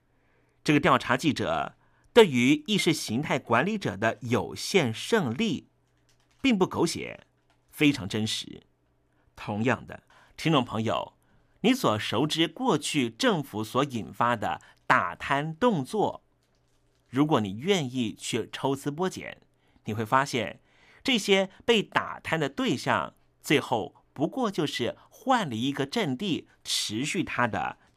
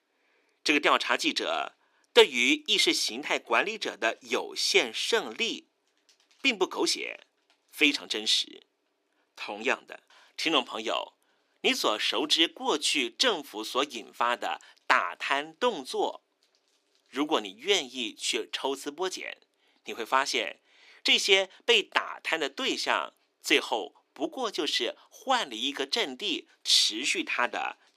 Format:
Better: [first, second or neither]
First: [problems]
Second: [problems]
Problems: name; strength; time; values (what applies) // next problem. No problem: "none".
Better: first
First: none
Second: thin; somewhat; fading below 350 Hz